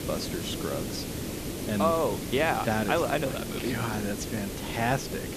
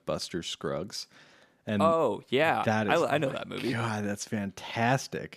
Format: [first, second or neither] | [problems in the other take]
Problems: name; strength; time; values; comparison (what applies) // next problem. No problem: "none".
second | hiss; loud; throughout; 5 dB below the speech